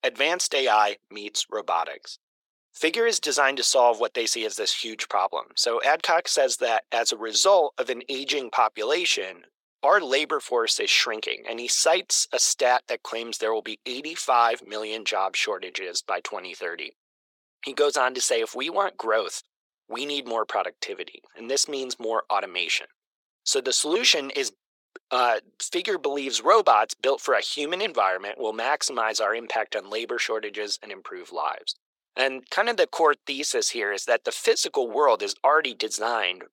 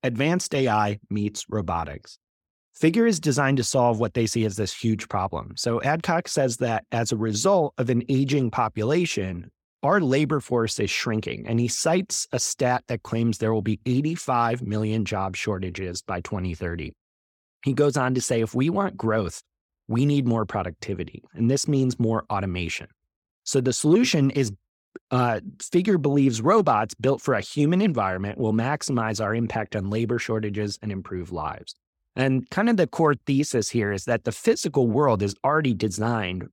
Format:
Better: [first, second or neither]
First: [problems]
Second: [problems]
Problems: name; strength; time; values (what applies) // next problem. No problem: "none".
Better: second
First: thin; very; fading below 450 Hz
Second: none